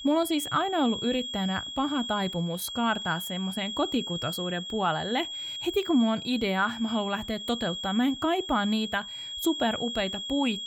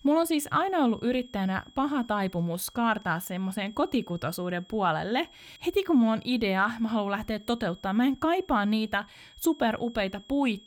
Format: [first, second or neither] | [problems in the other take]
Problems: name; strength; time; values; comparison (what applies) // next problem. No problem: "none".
second | high-pitched whine; loud; throughout; 3.5 kHz, 6 dB below the speech; faint in the second